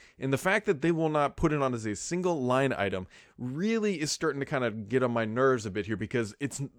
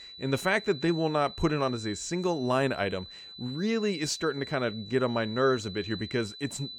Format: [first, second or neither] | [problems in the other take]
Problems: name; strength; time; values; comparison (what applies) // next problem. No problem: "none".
first | high-pitched whine; noticeable; throughout; 4 kHz, 10 dB below the speech